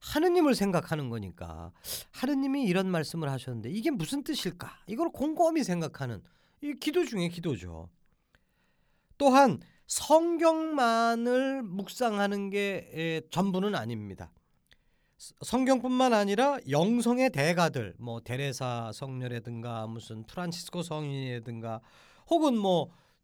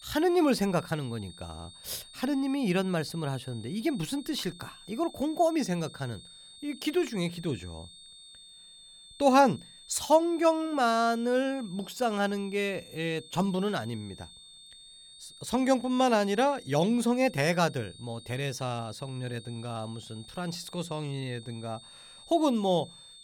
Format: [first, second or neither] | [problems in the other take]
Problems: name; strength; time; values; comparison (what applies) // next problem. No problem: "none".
first | high-pitched whine; noticeable; throughout; 3.5 kHz, 20 dB below the speech